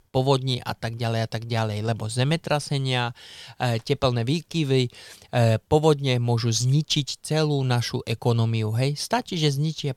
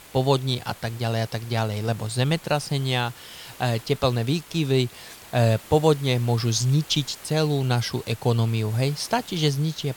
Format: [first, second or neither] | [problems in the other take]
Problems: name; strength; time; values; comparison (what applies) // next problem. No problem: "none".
first | hiss; noticeable; throughout; 20 dB below the speech